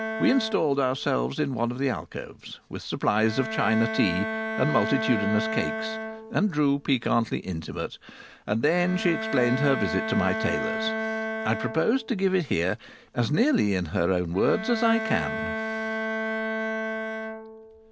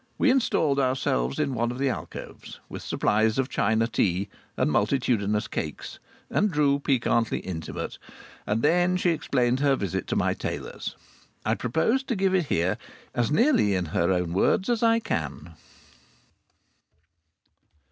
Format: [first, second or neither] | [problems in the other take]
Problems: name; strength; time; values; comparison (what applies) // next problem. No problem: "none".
second | background sound (Bowed string instrument); 6 dB below the speech